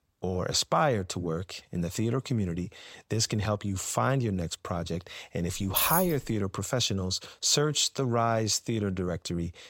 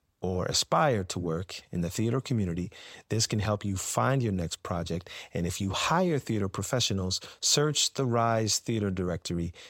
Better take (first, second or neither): second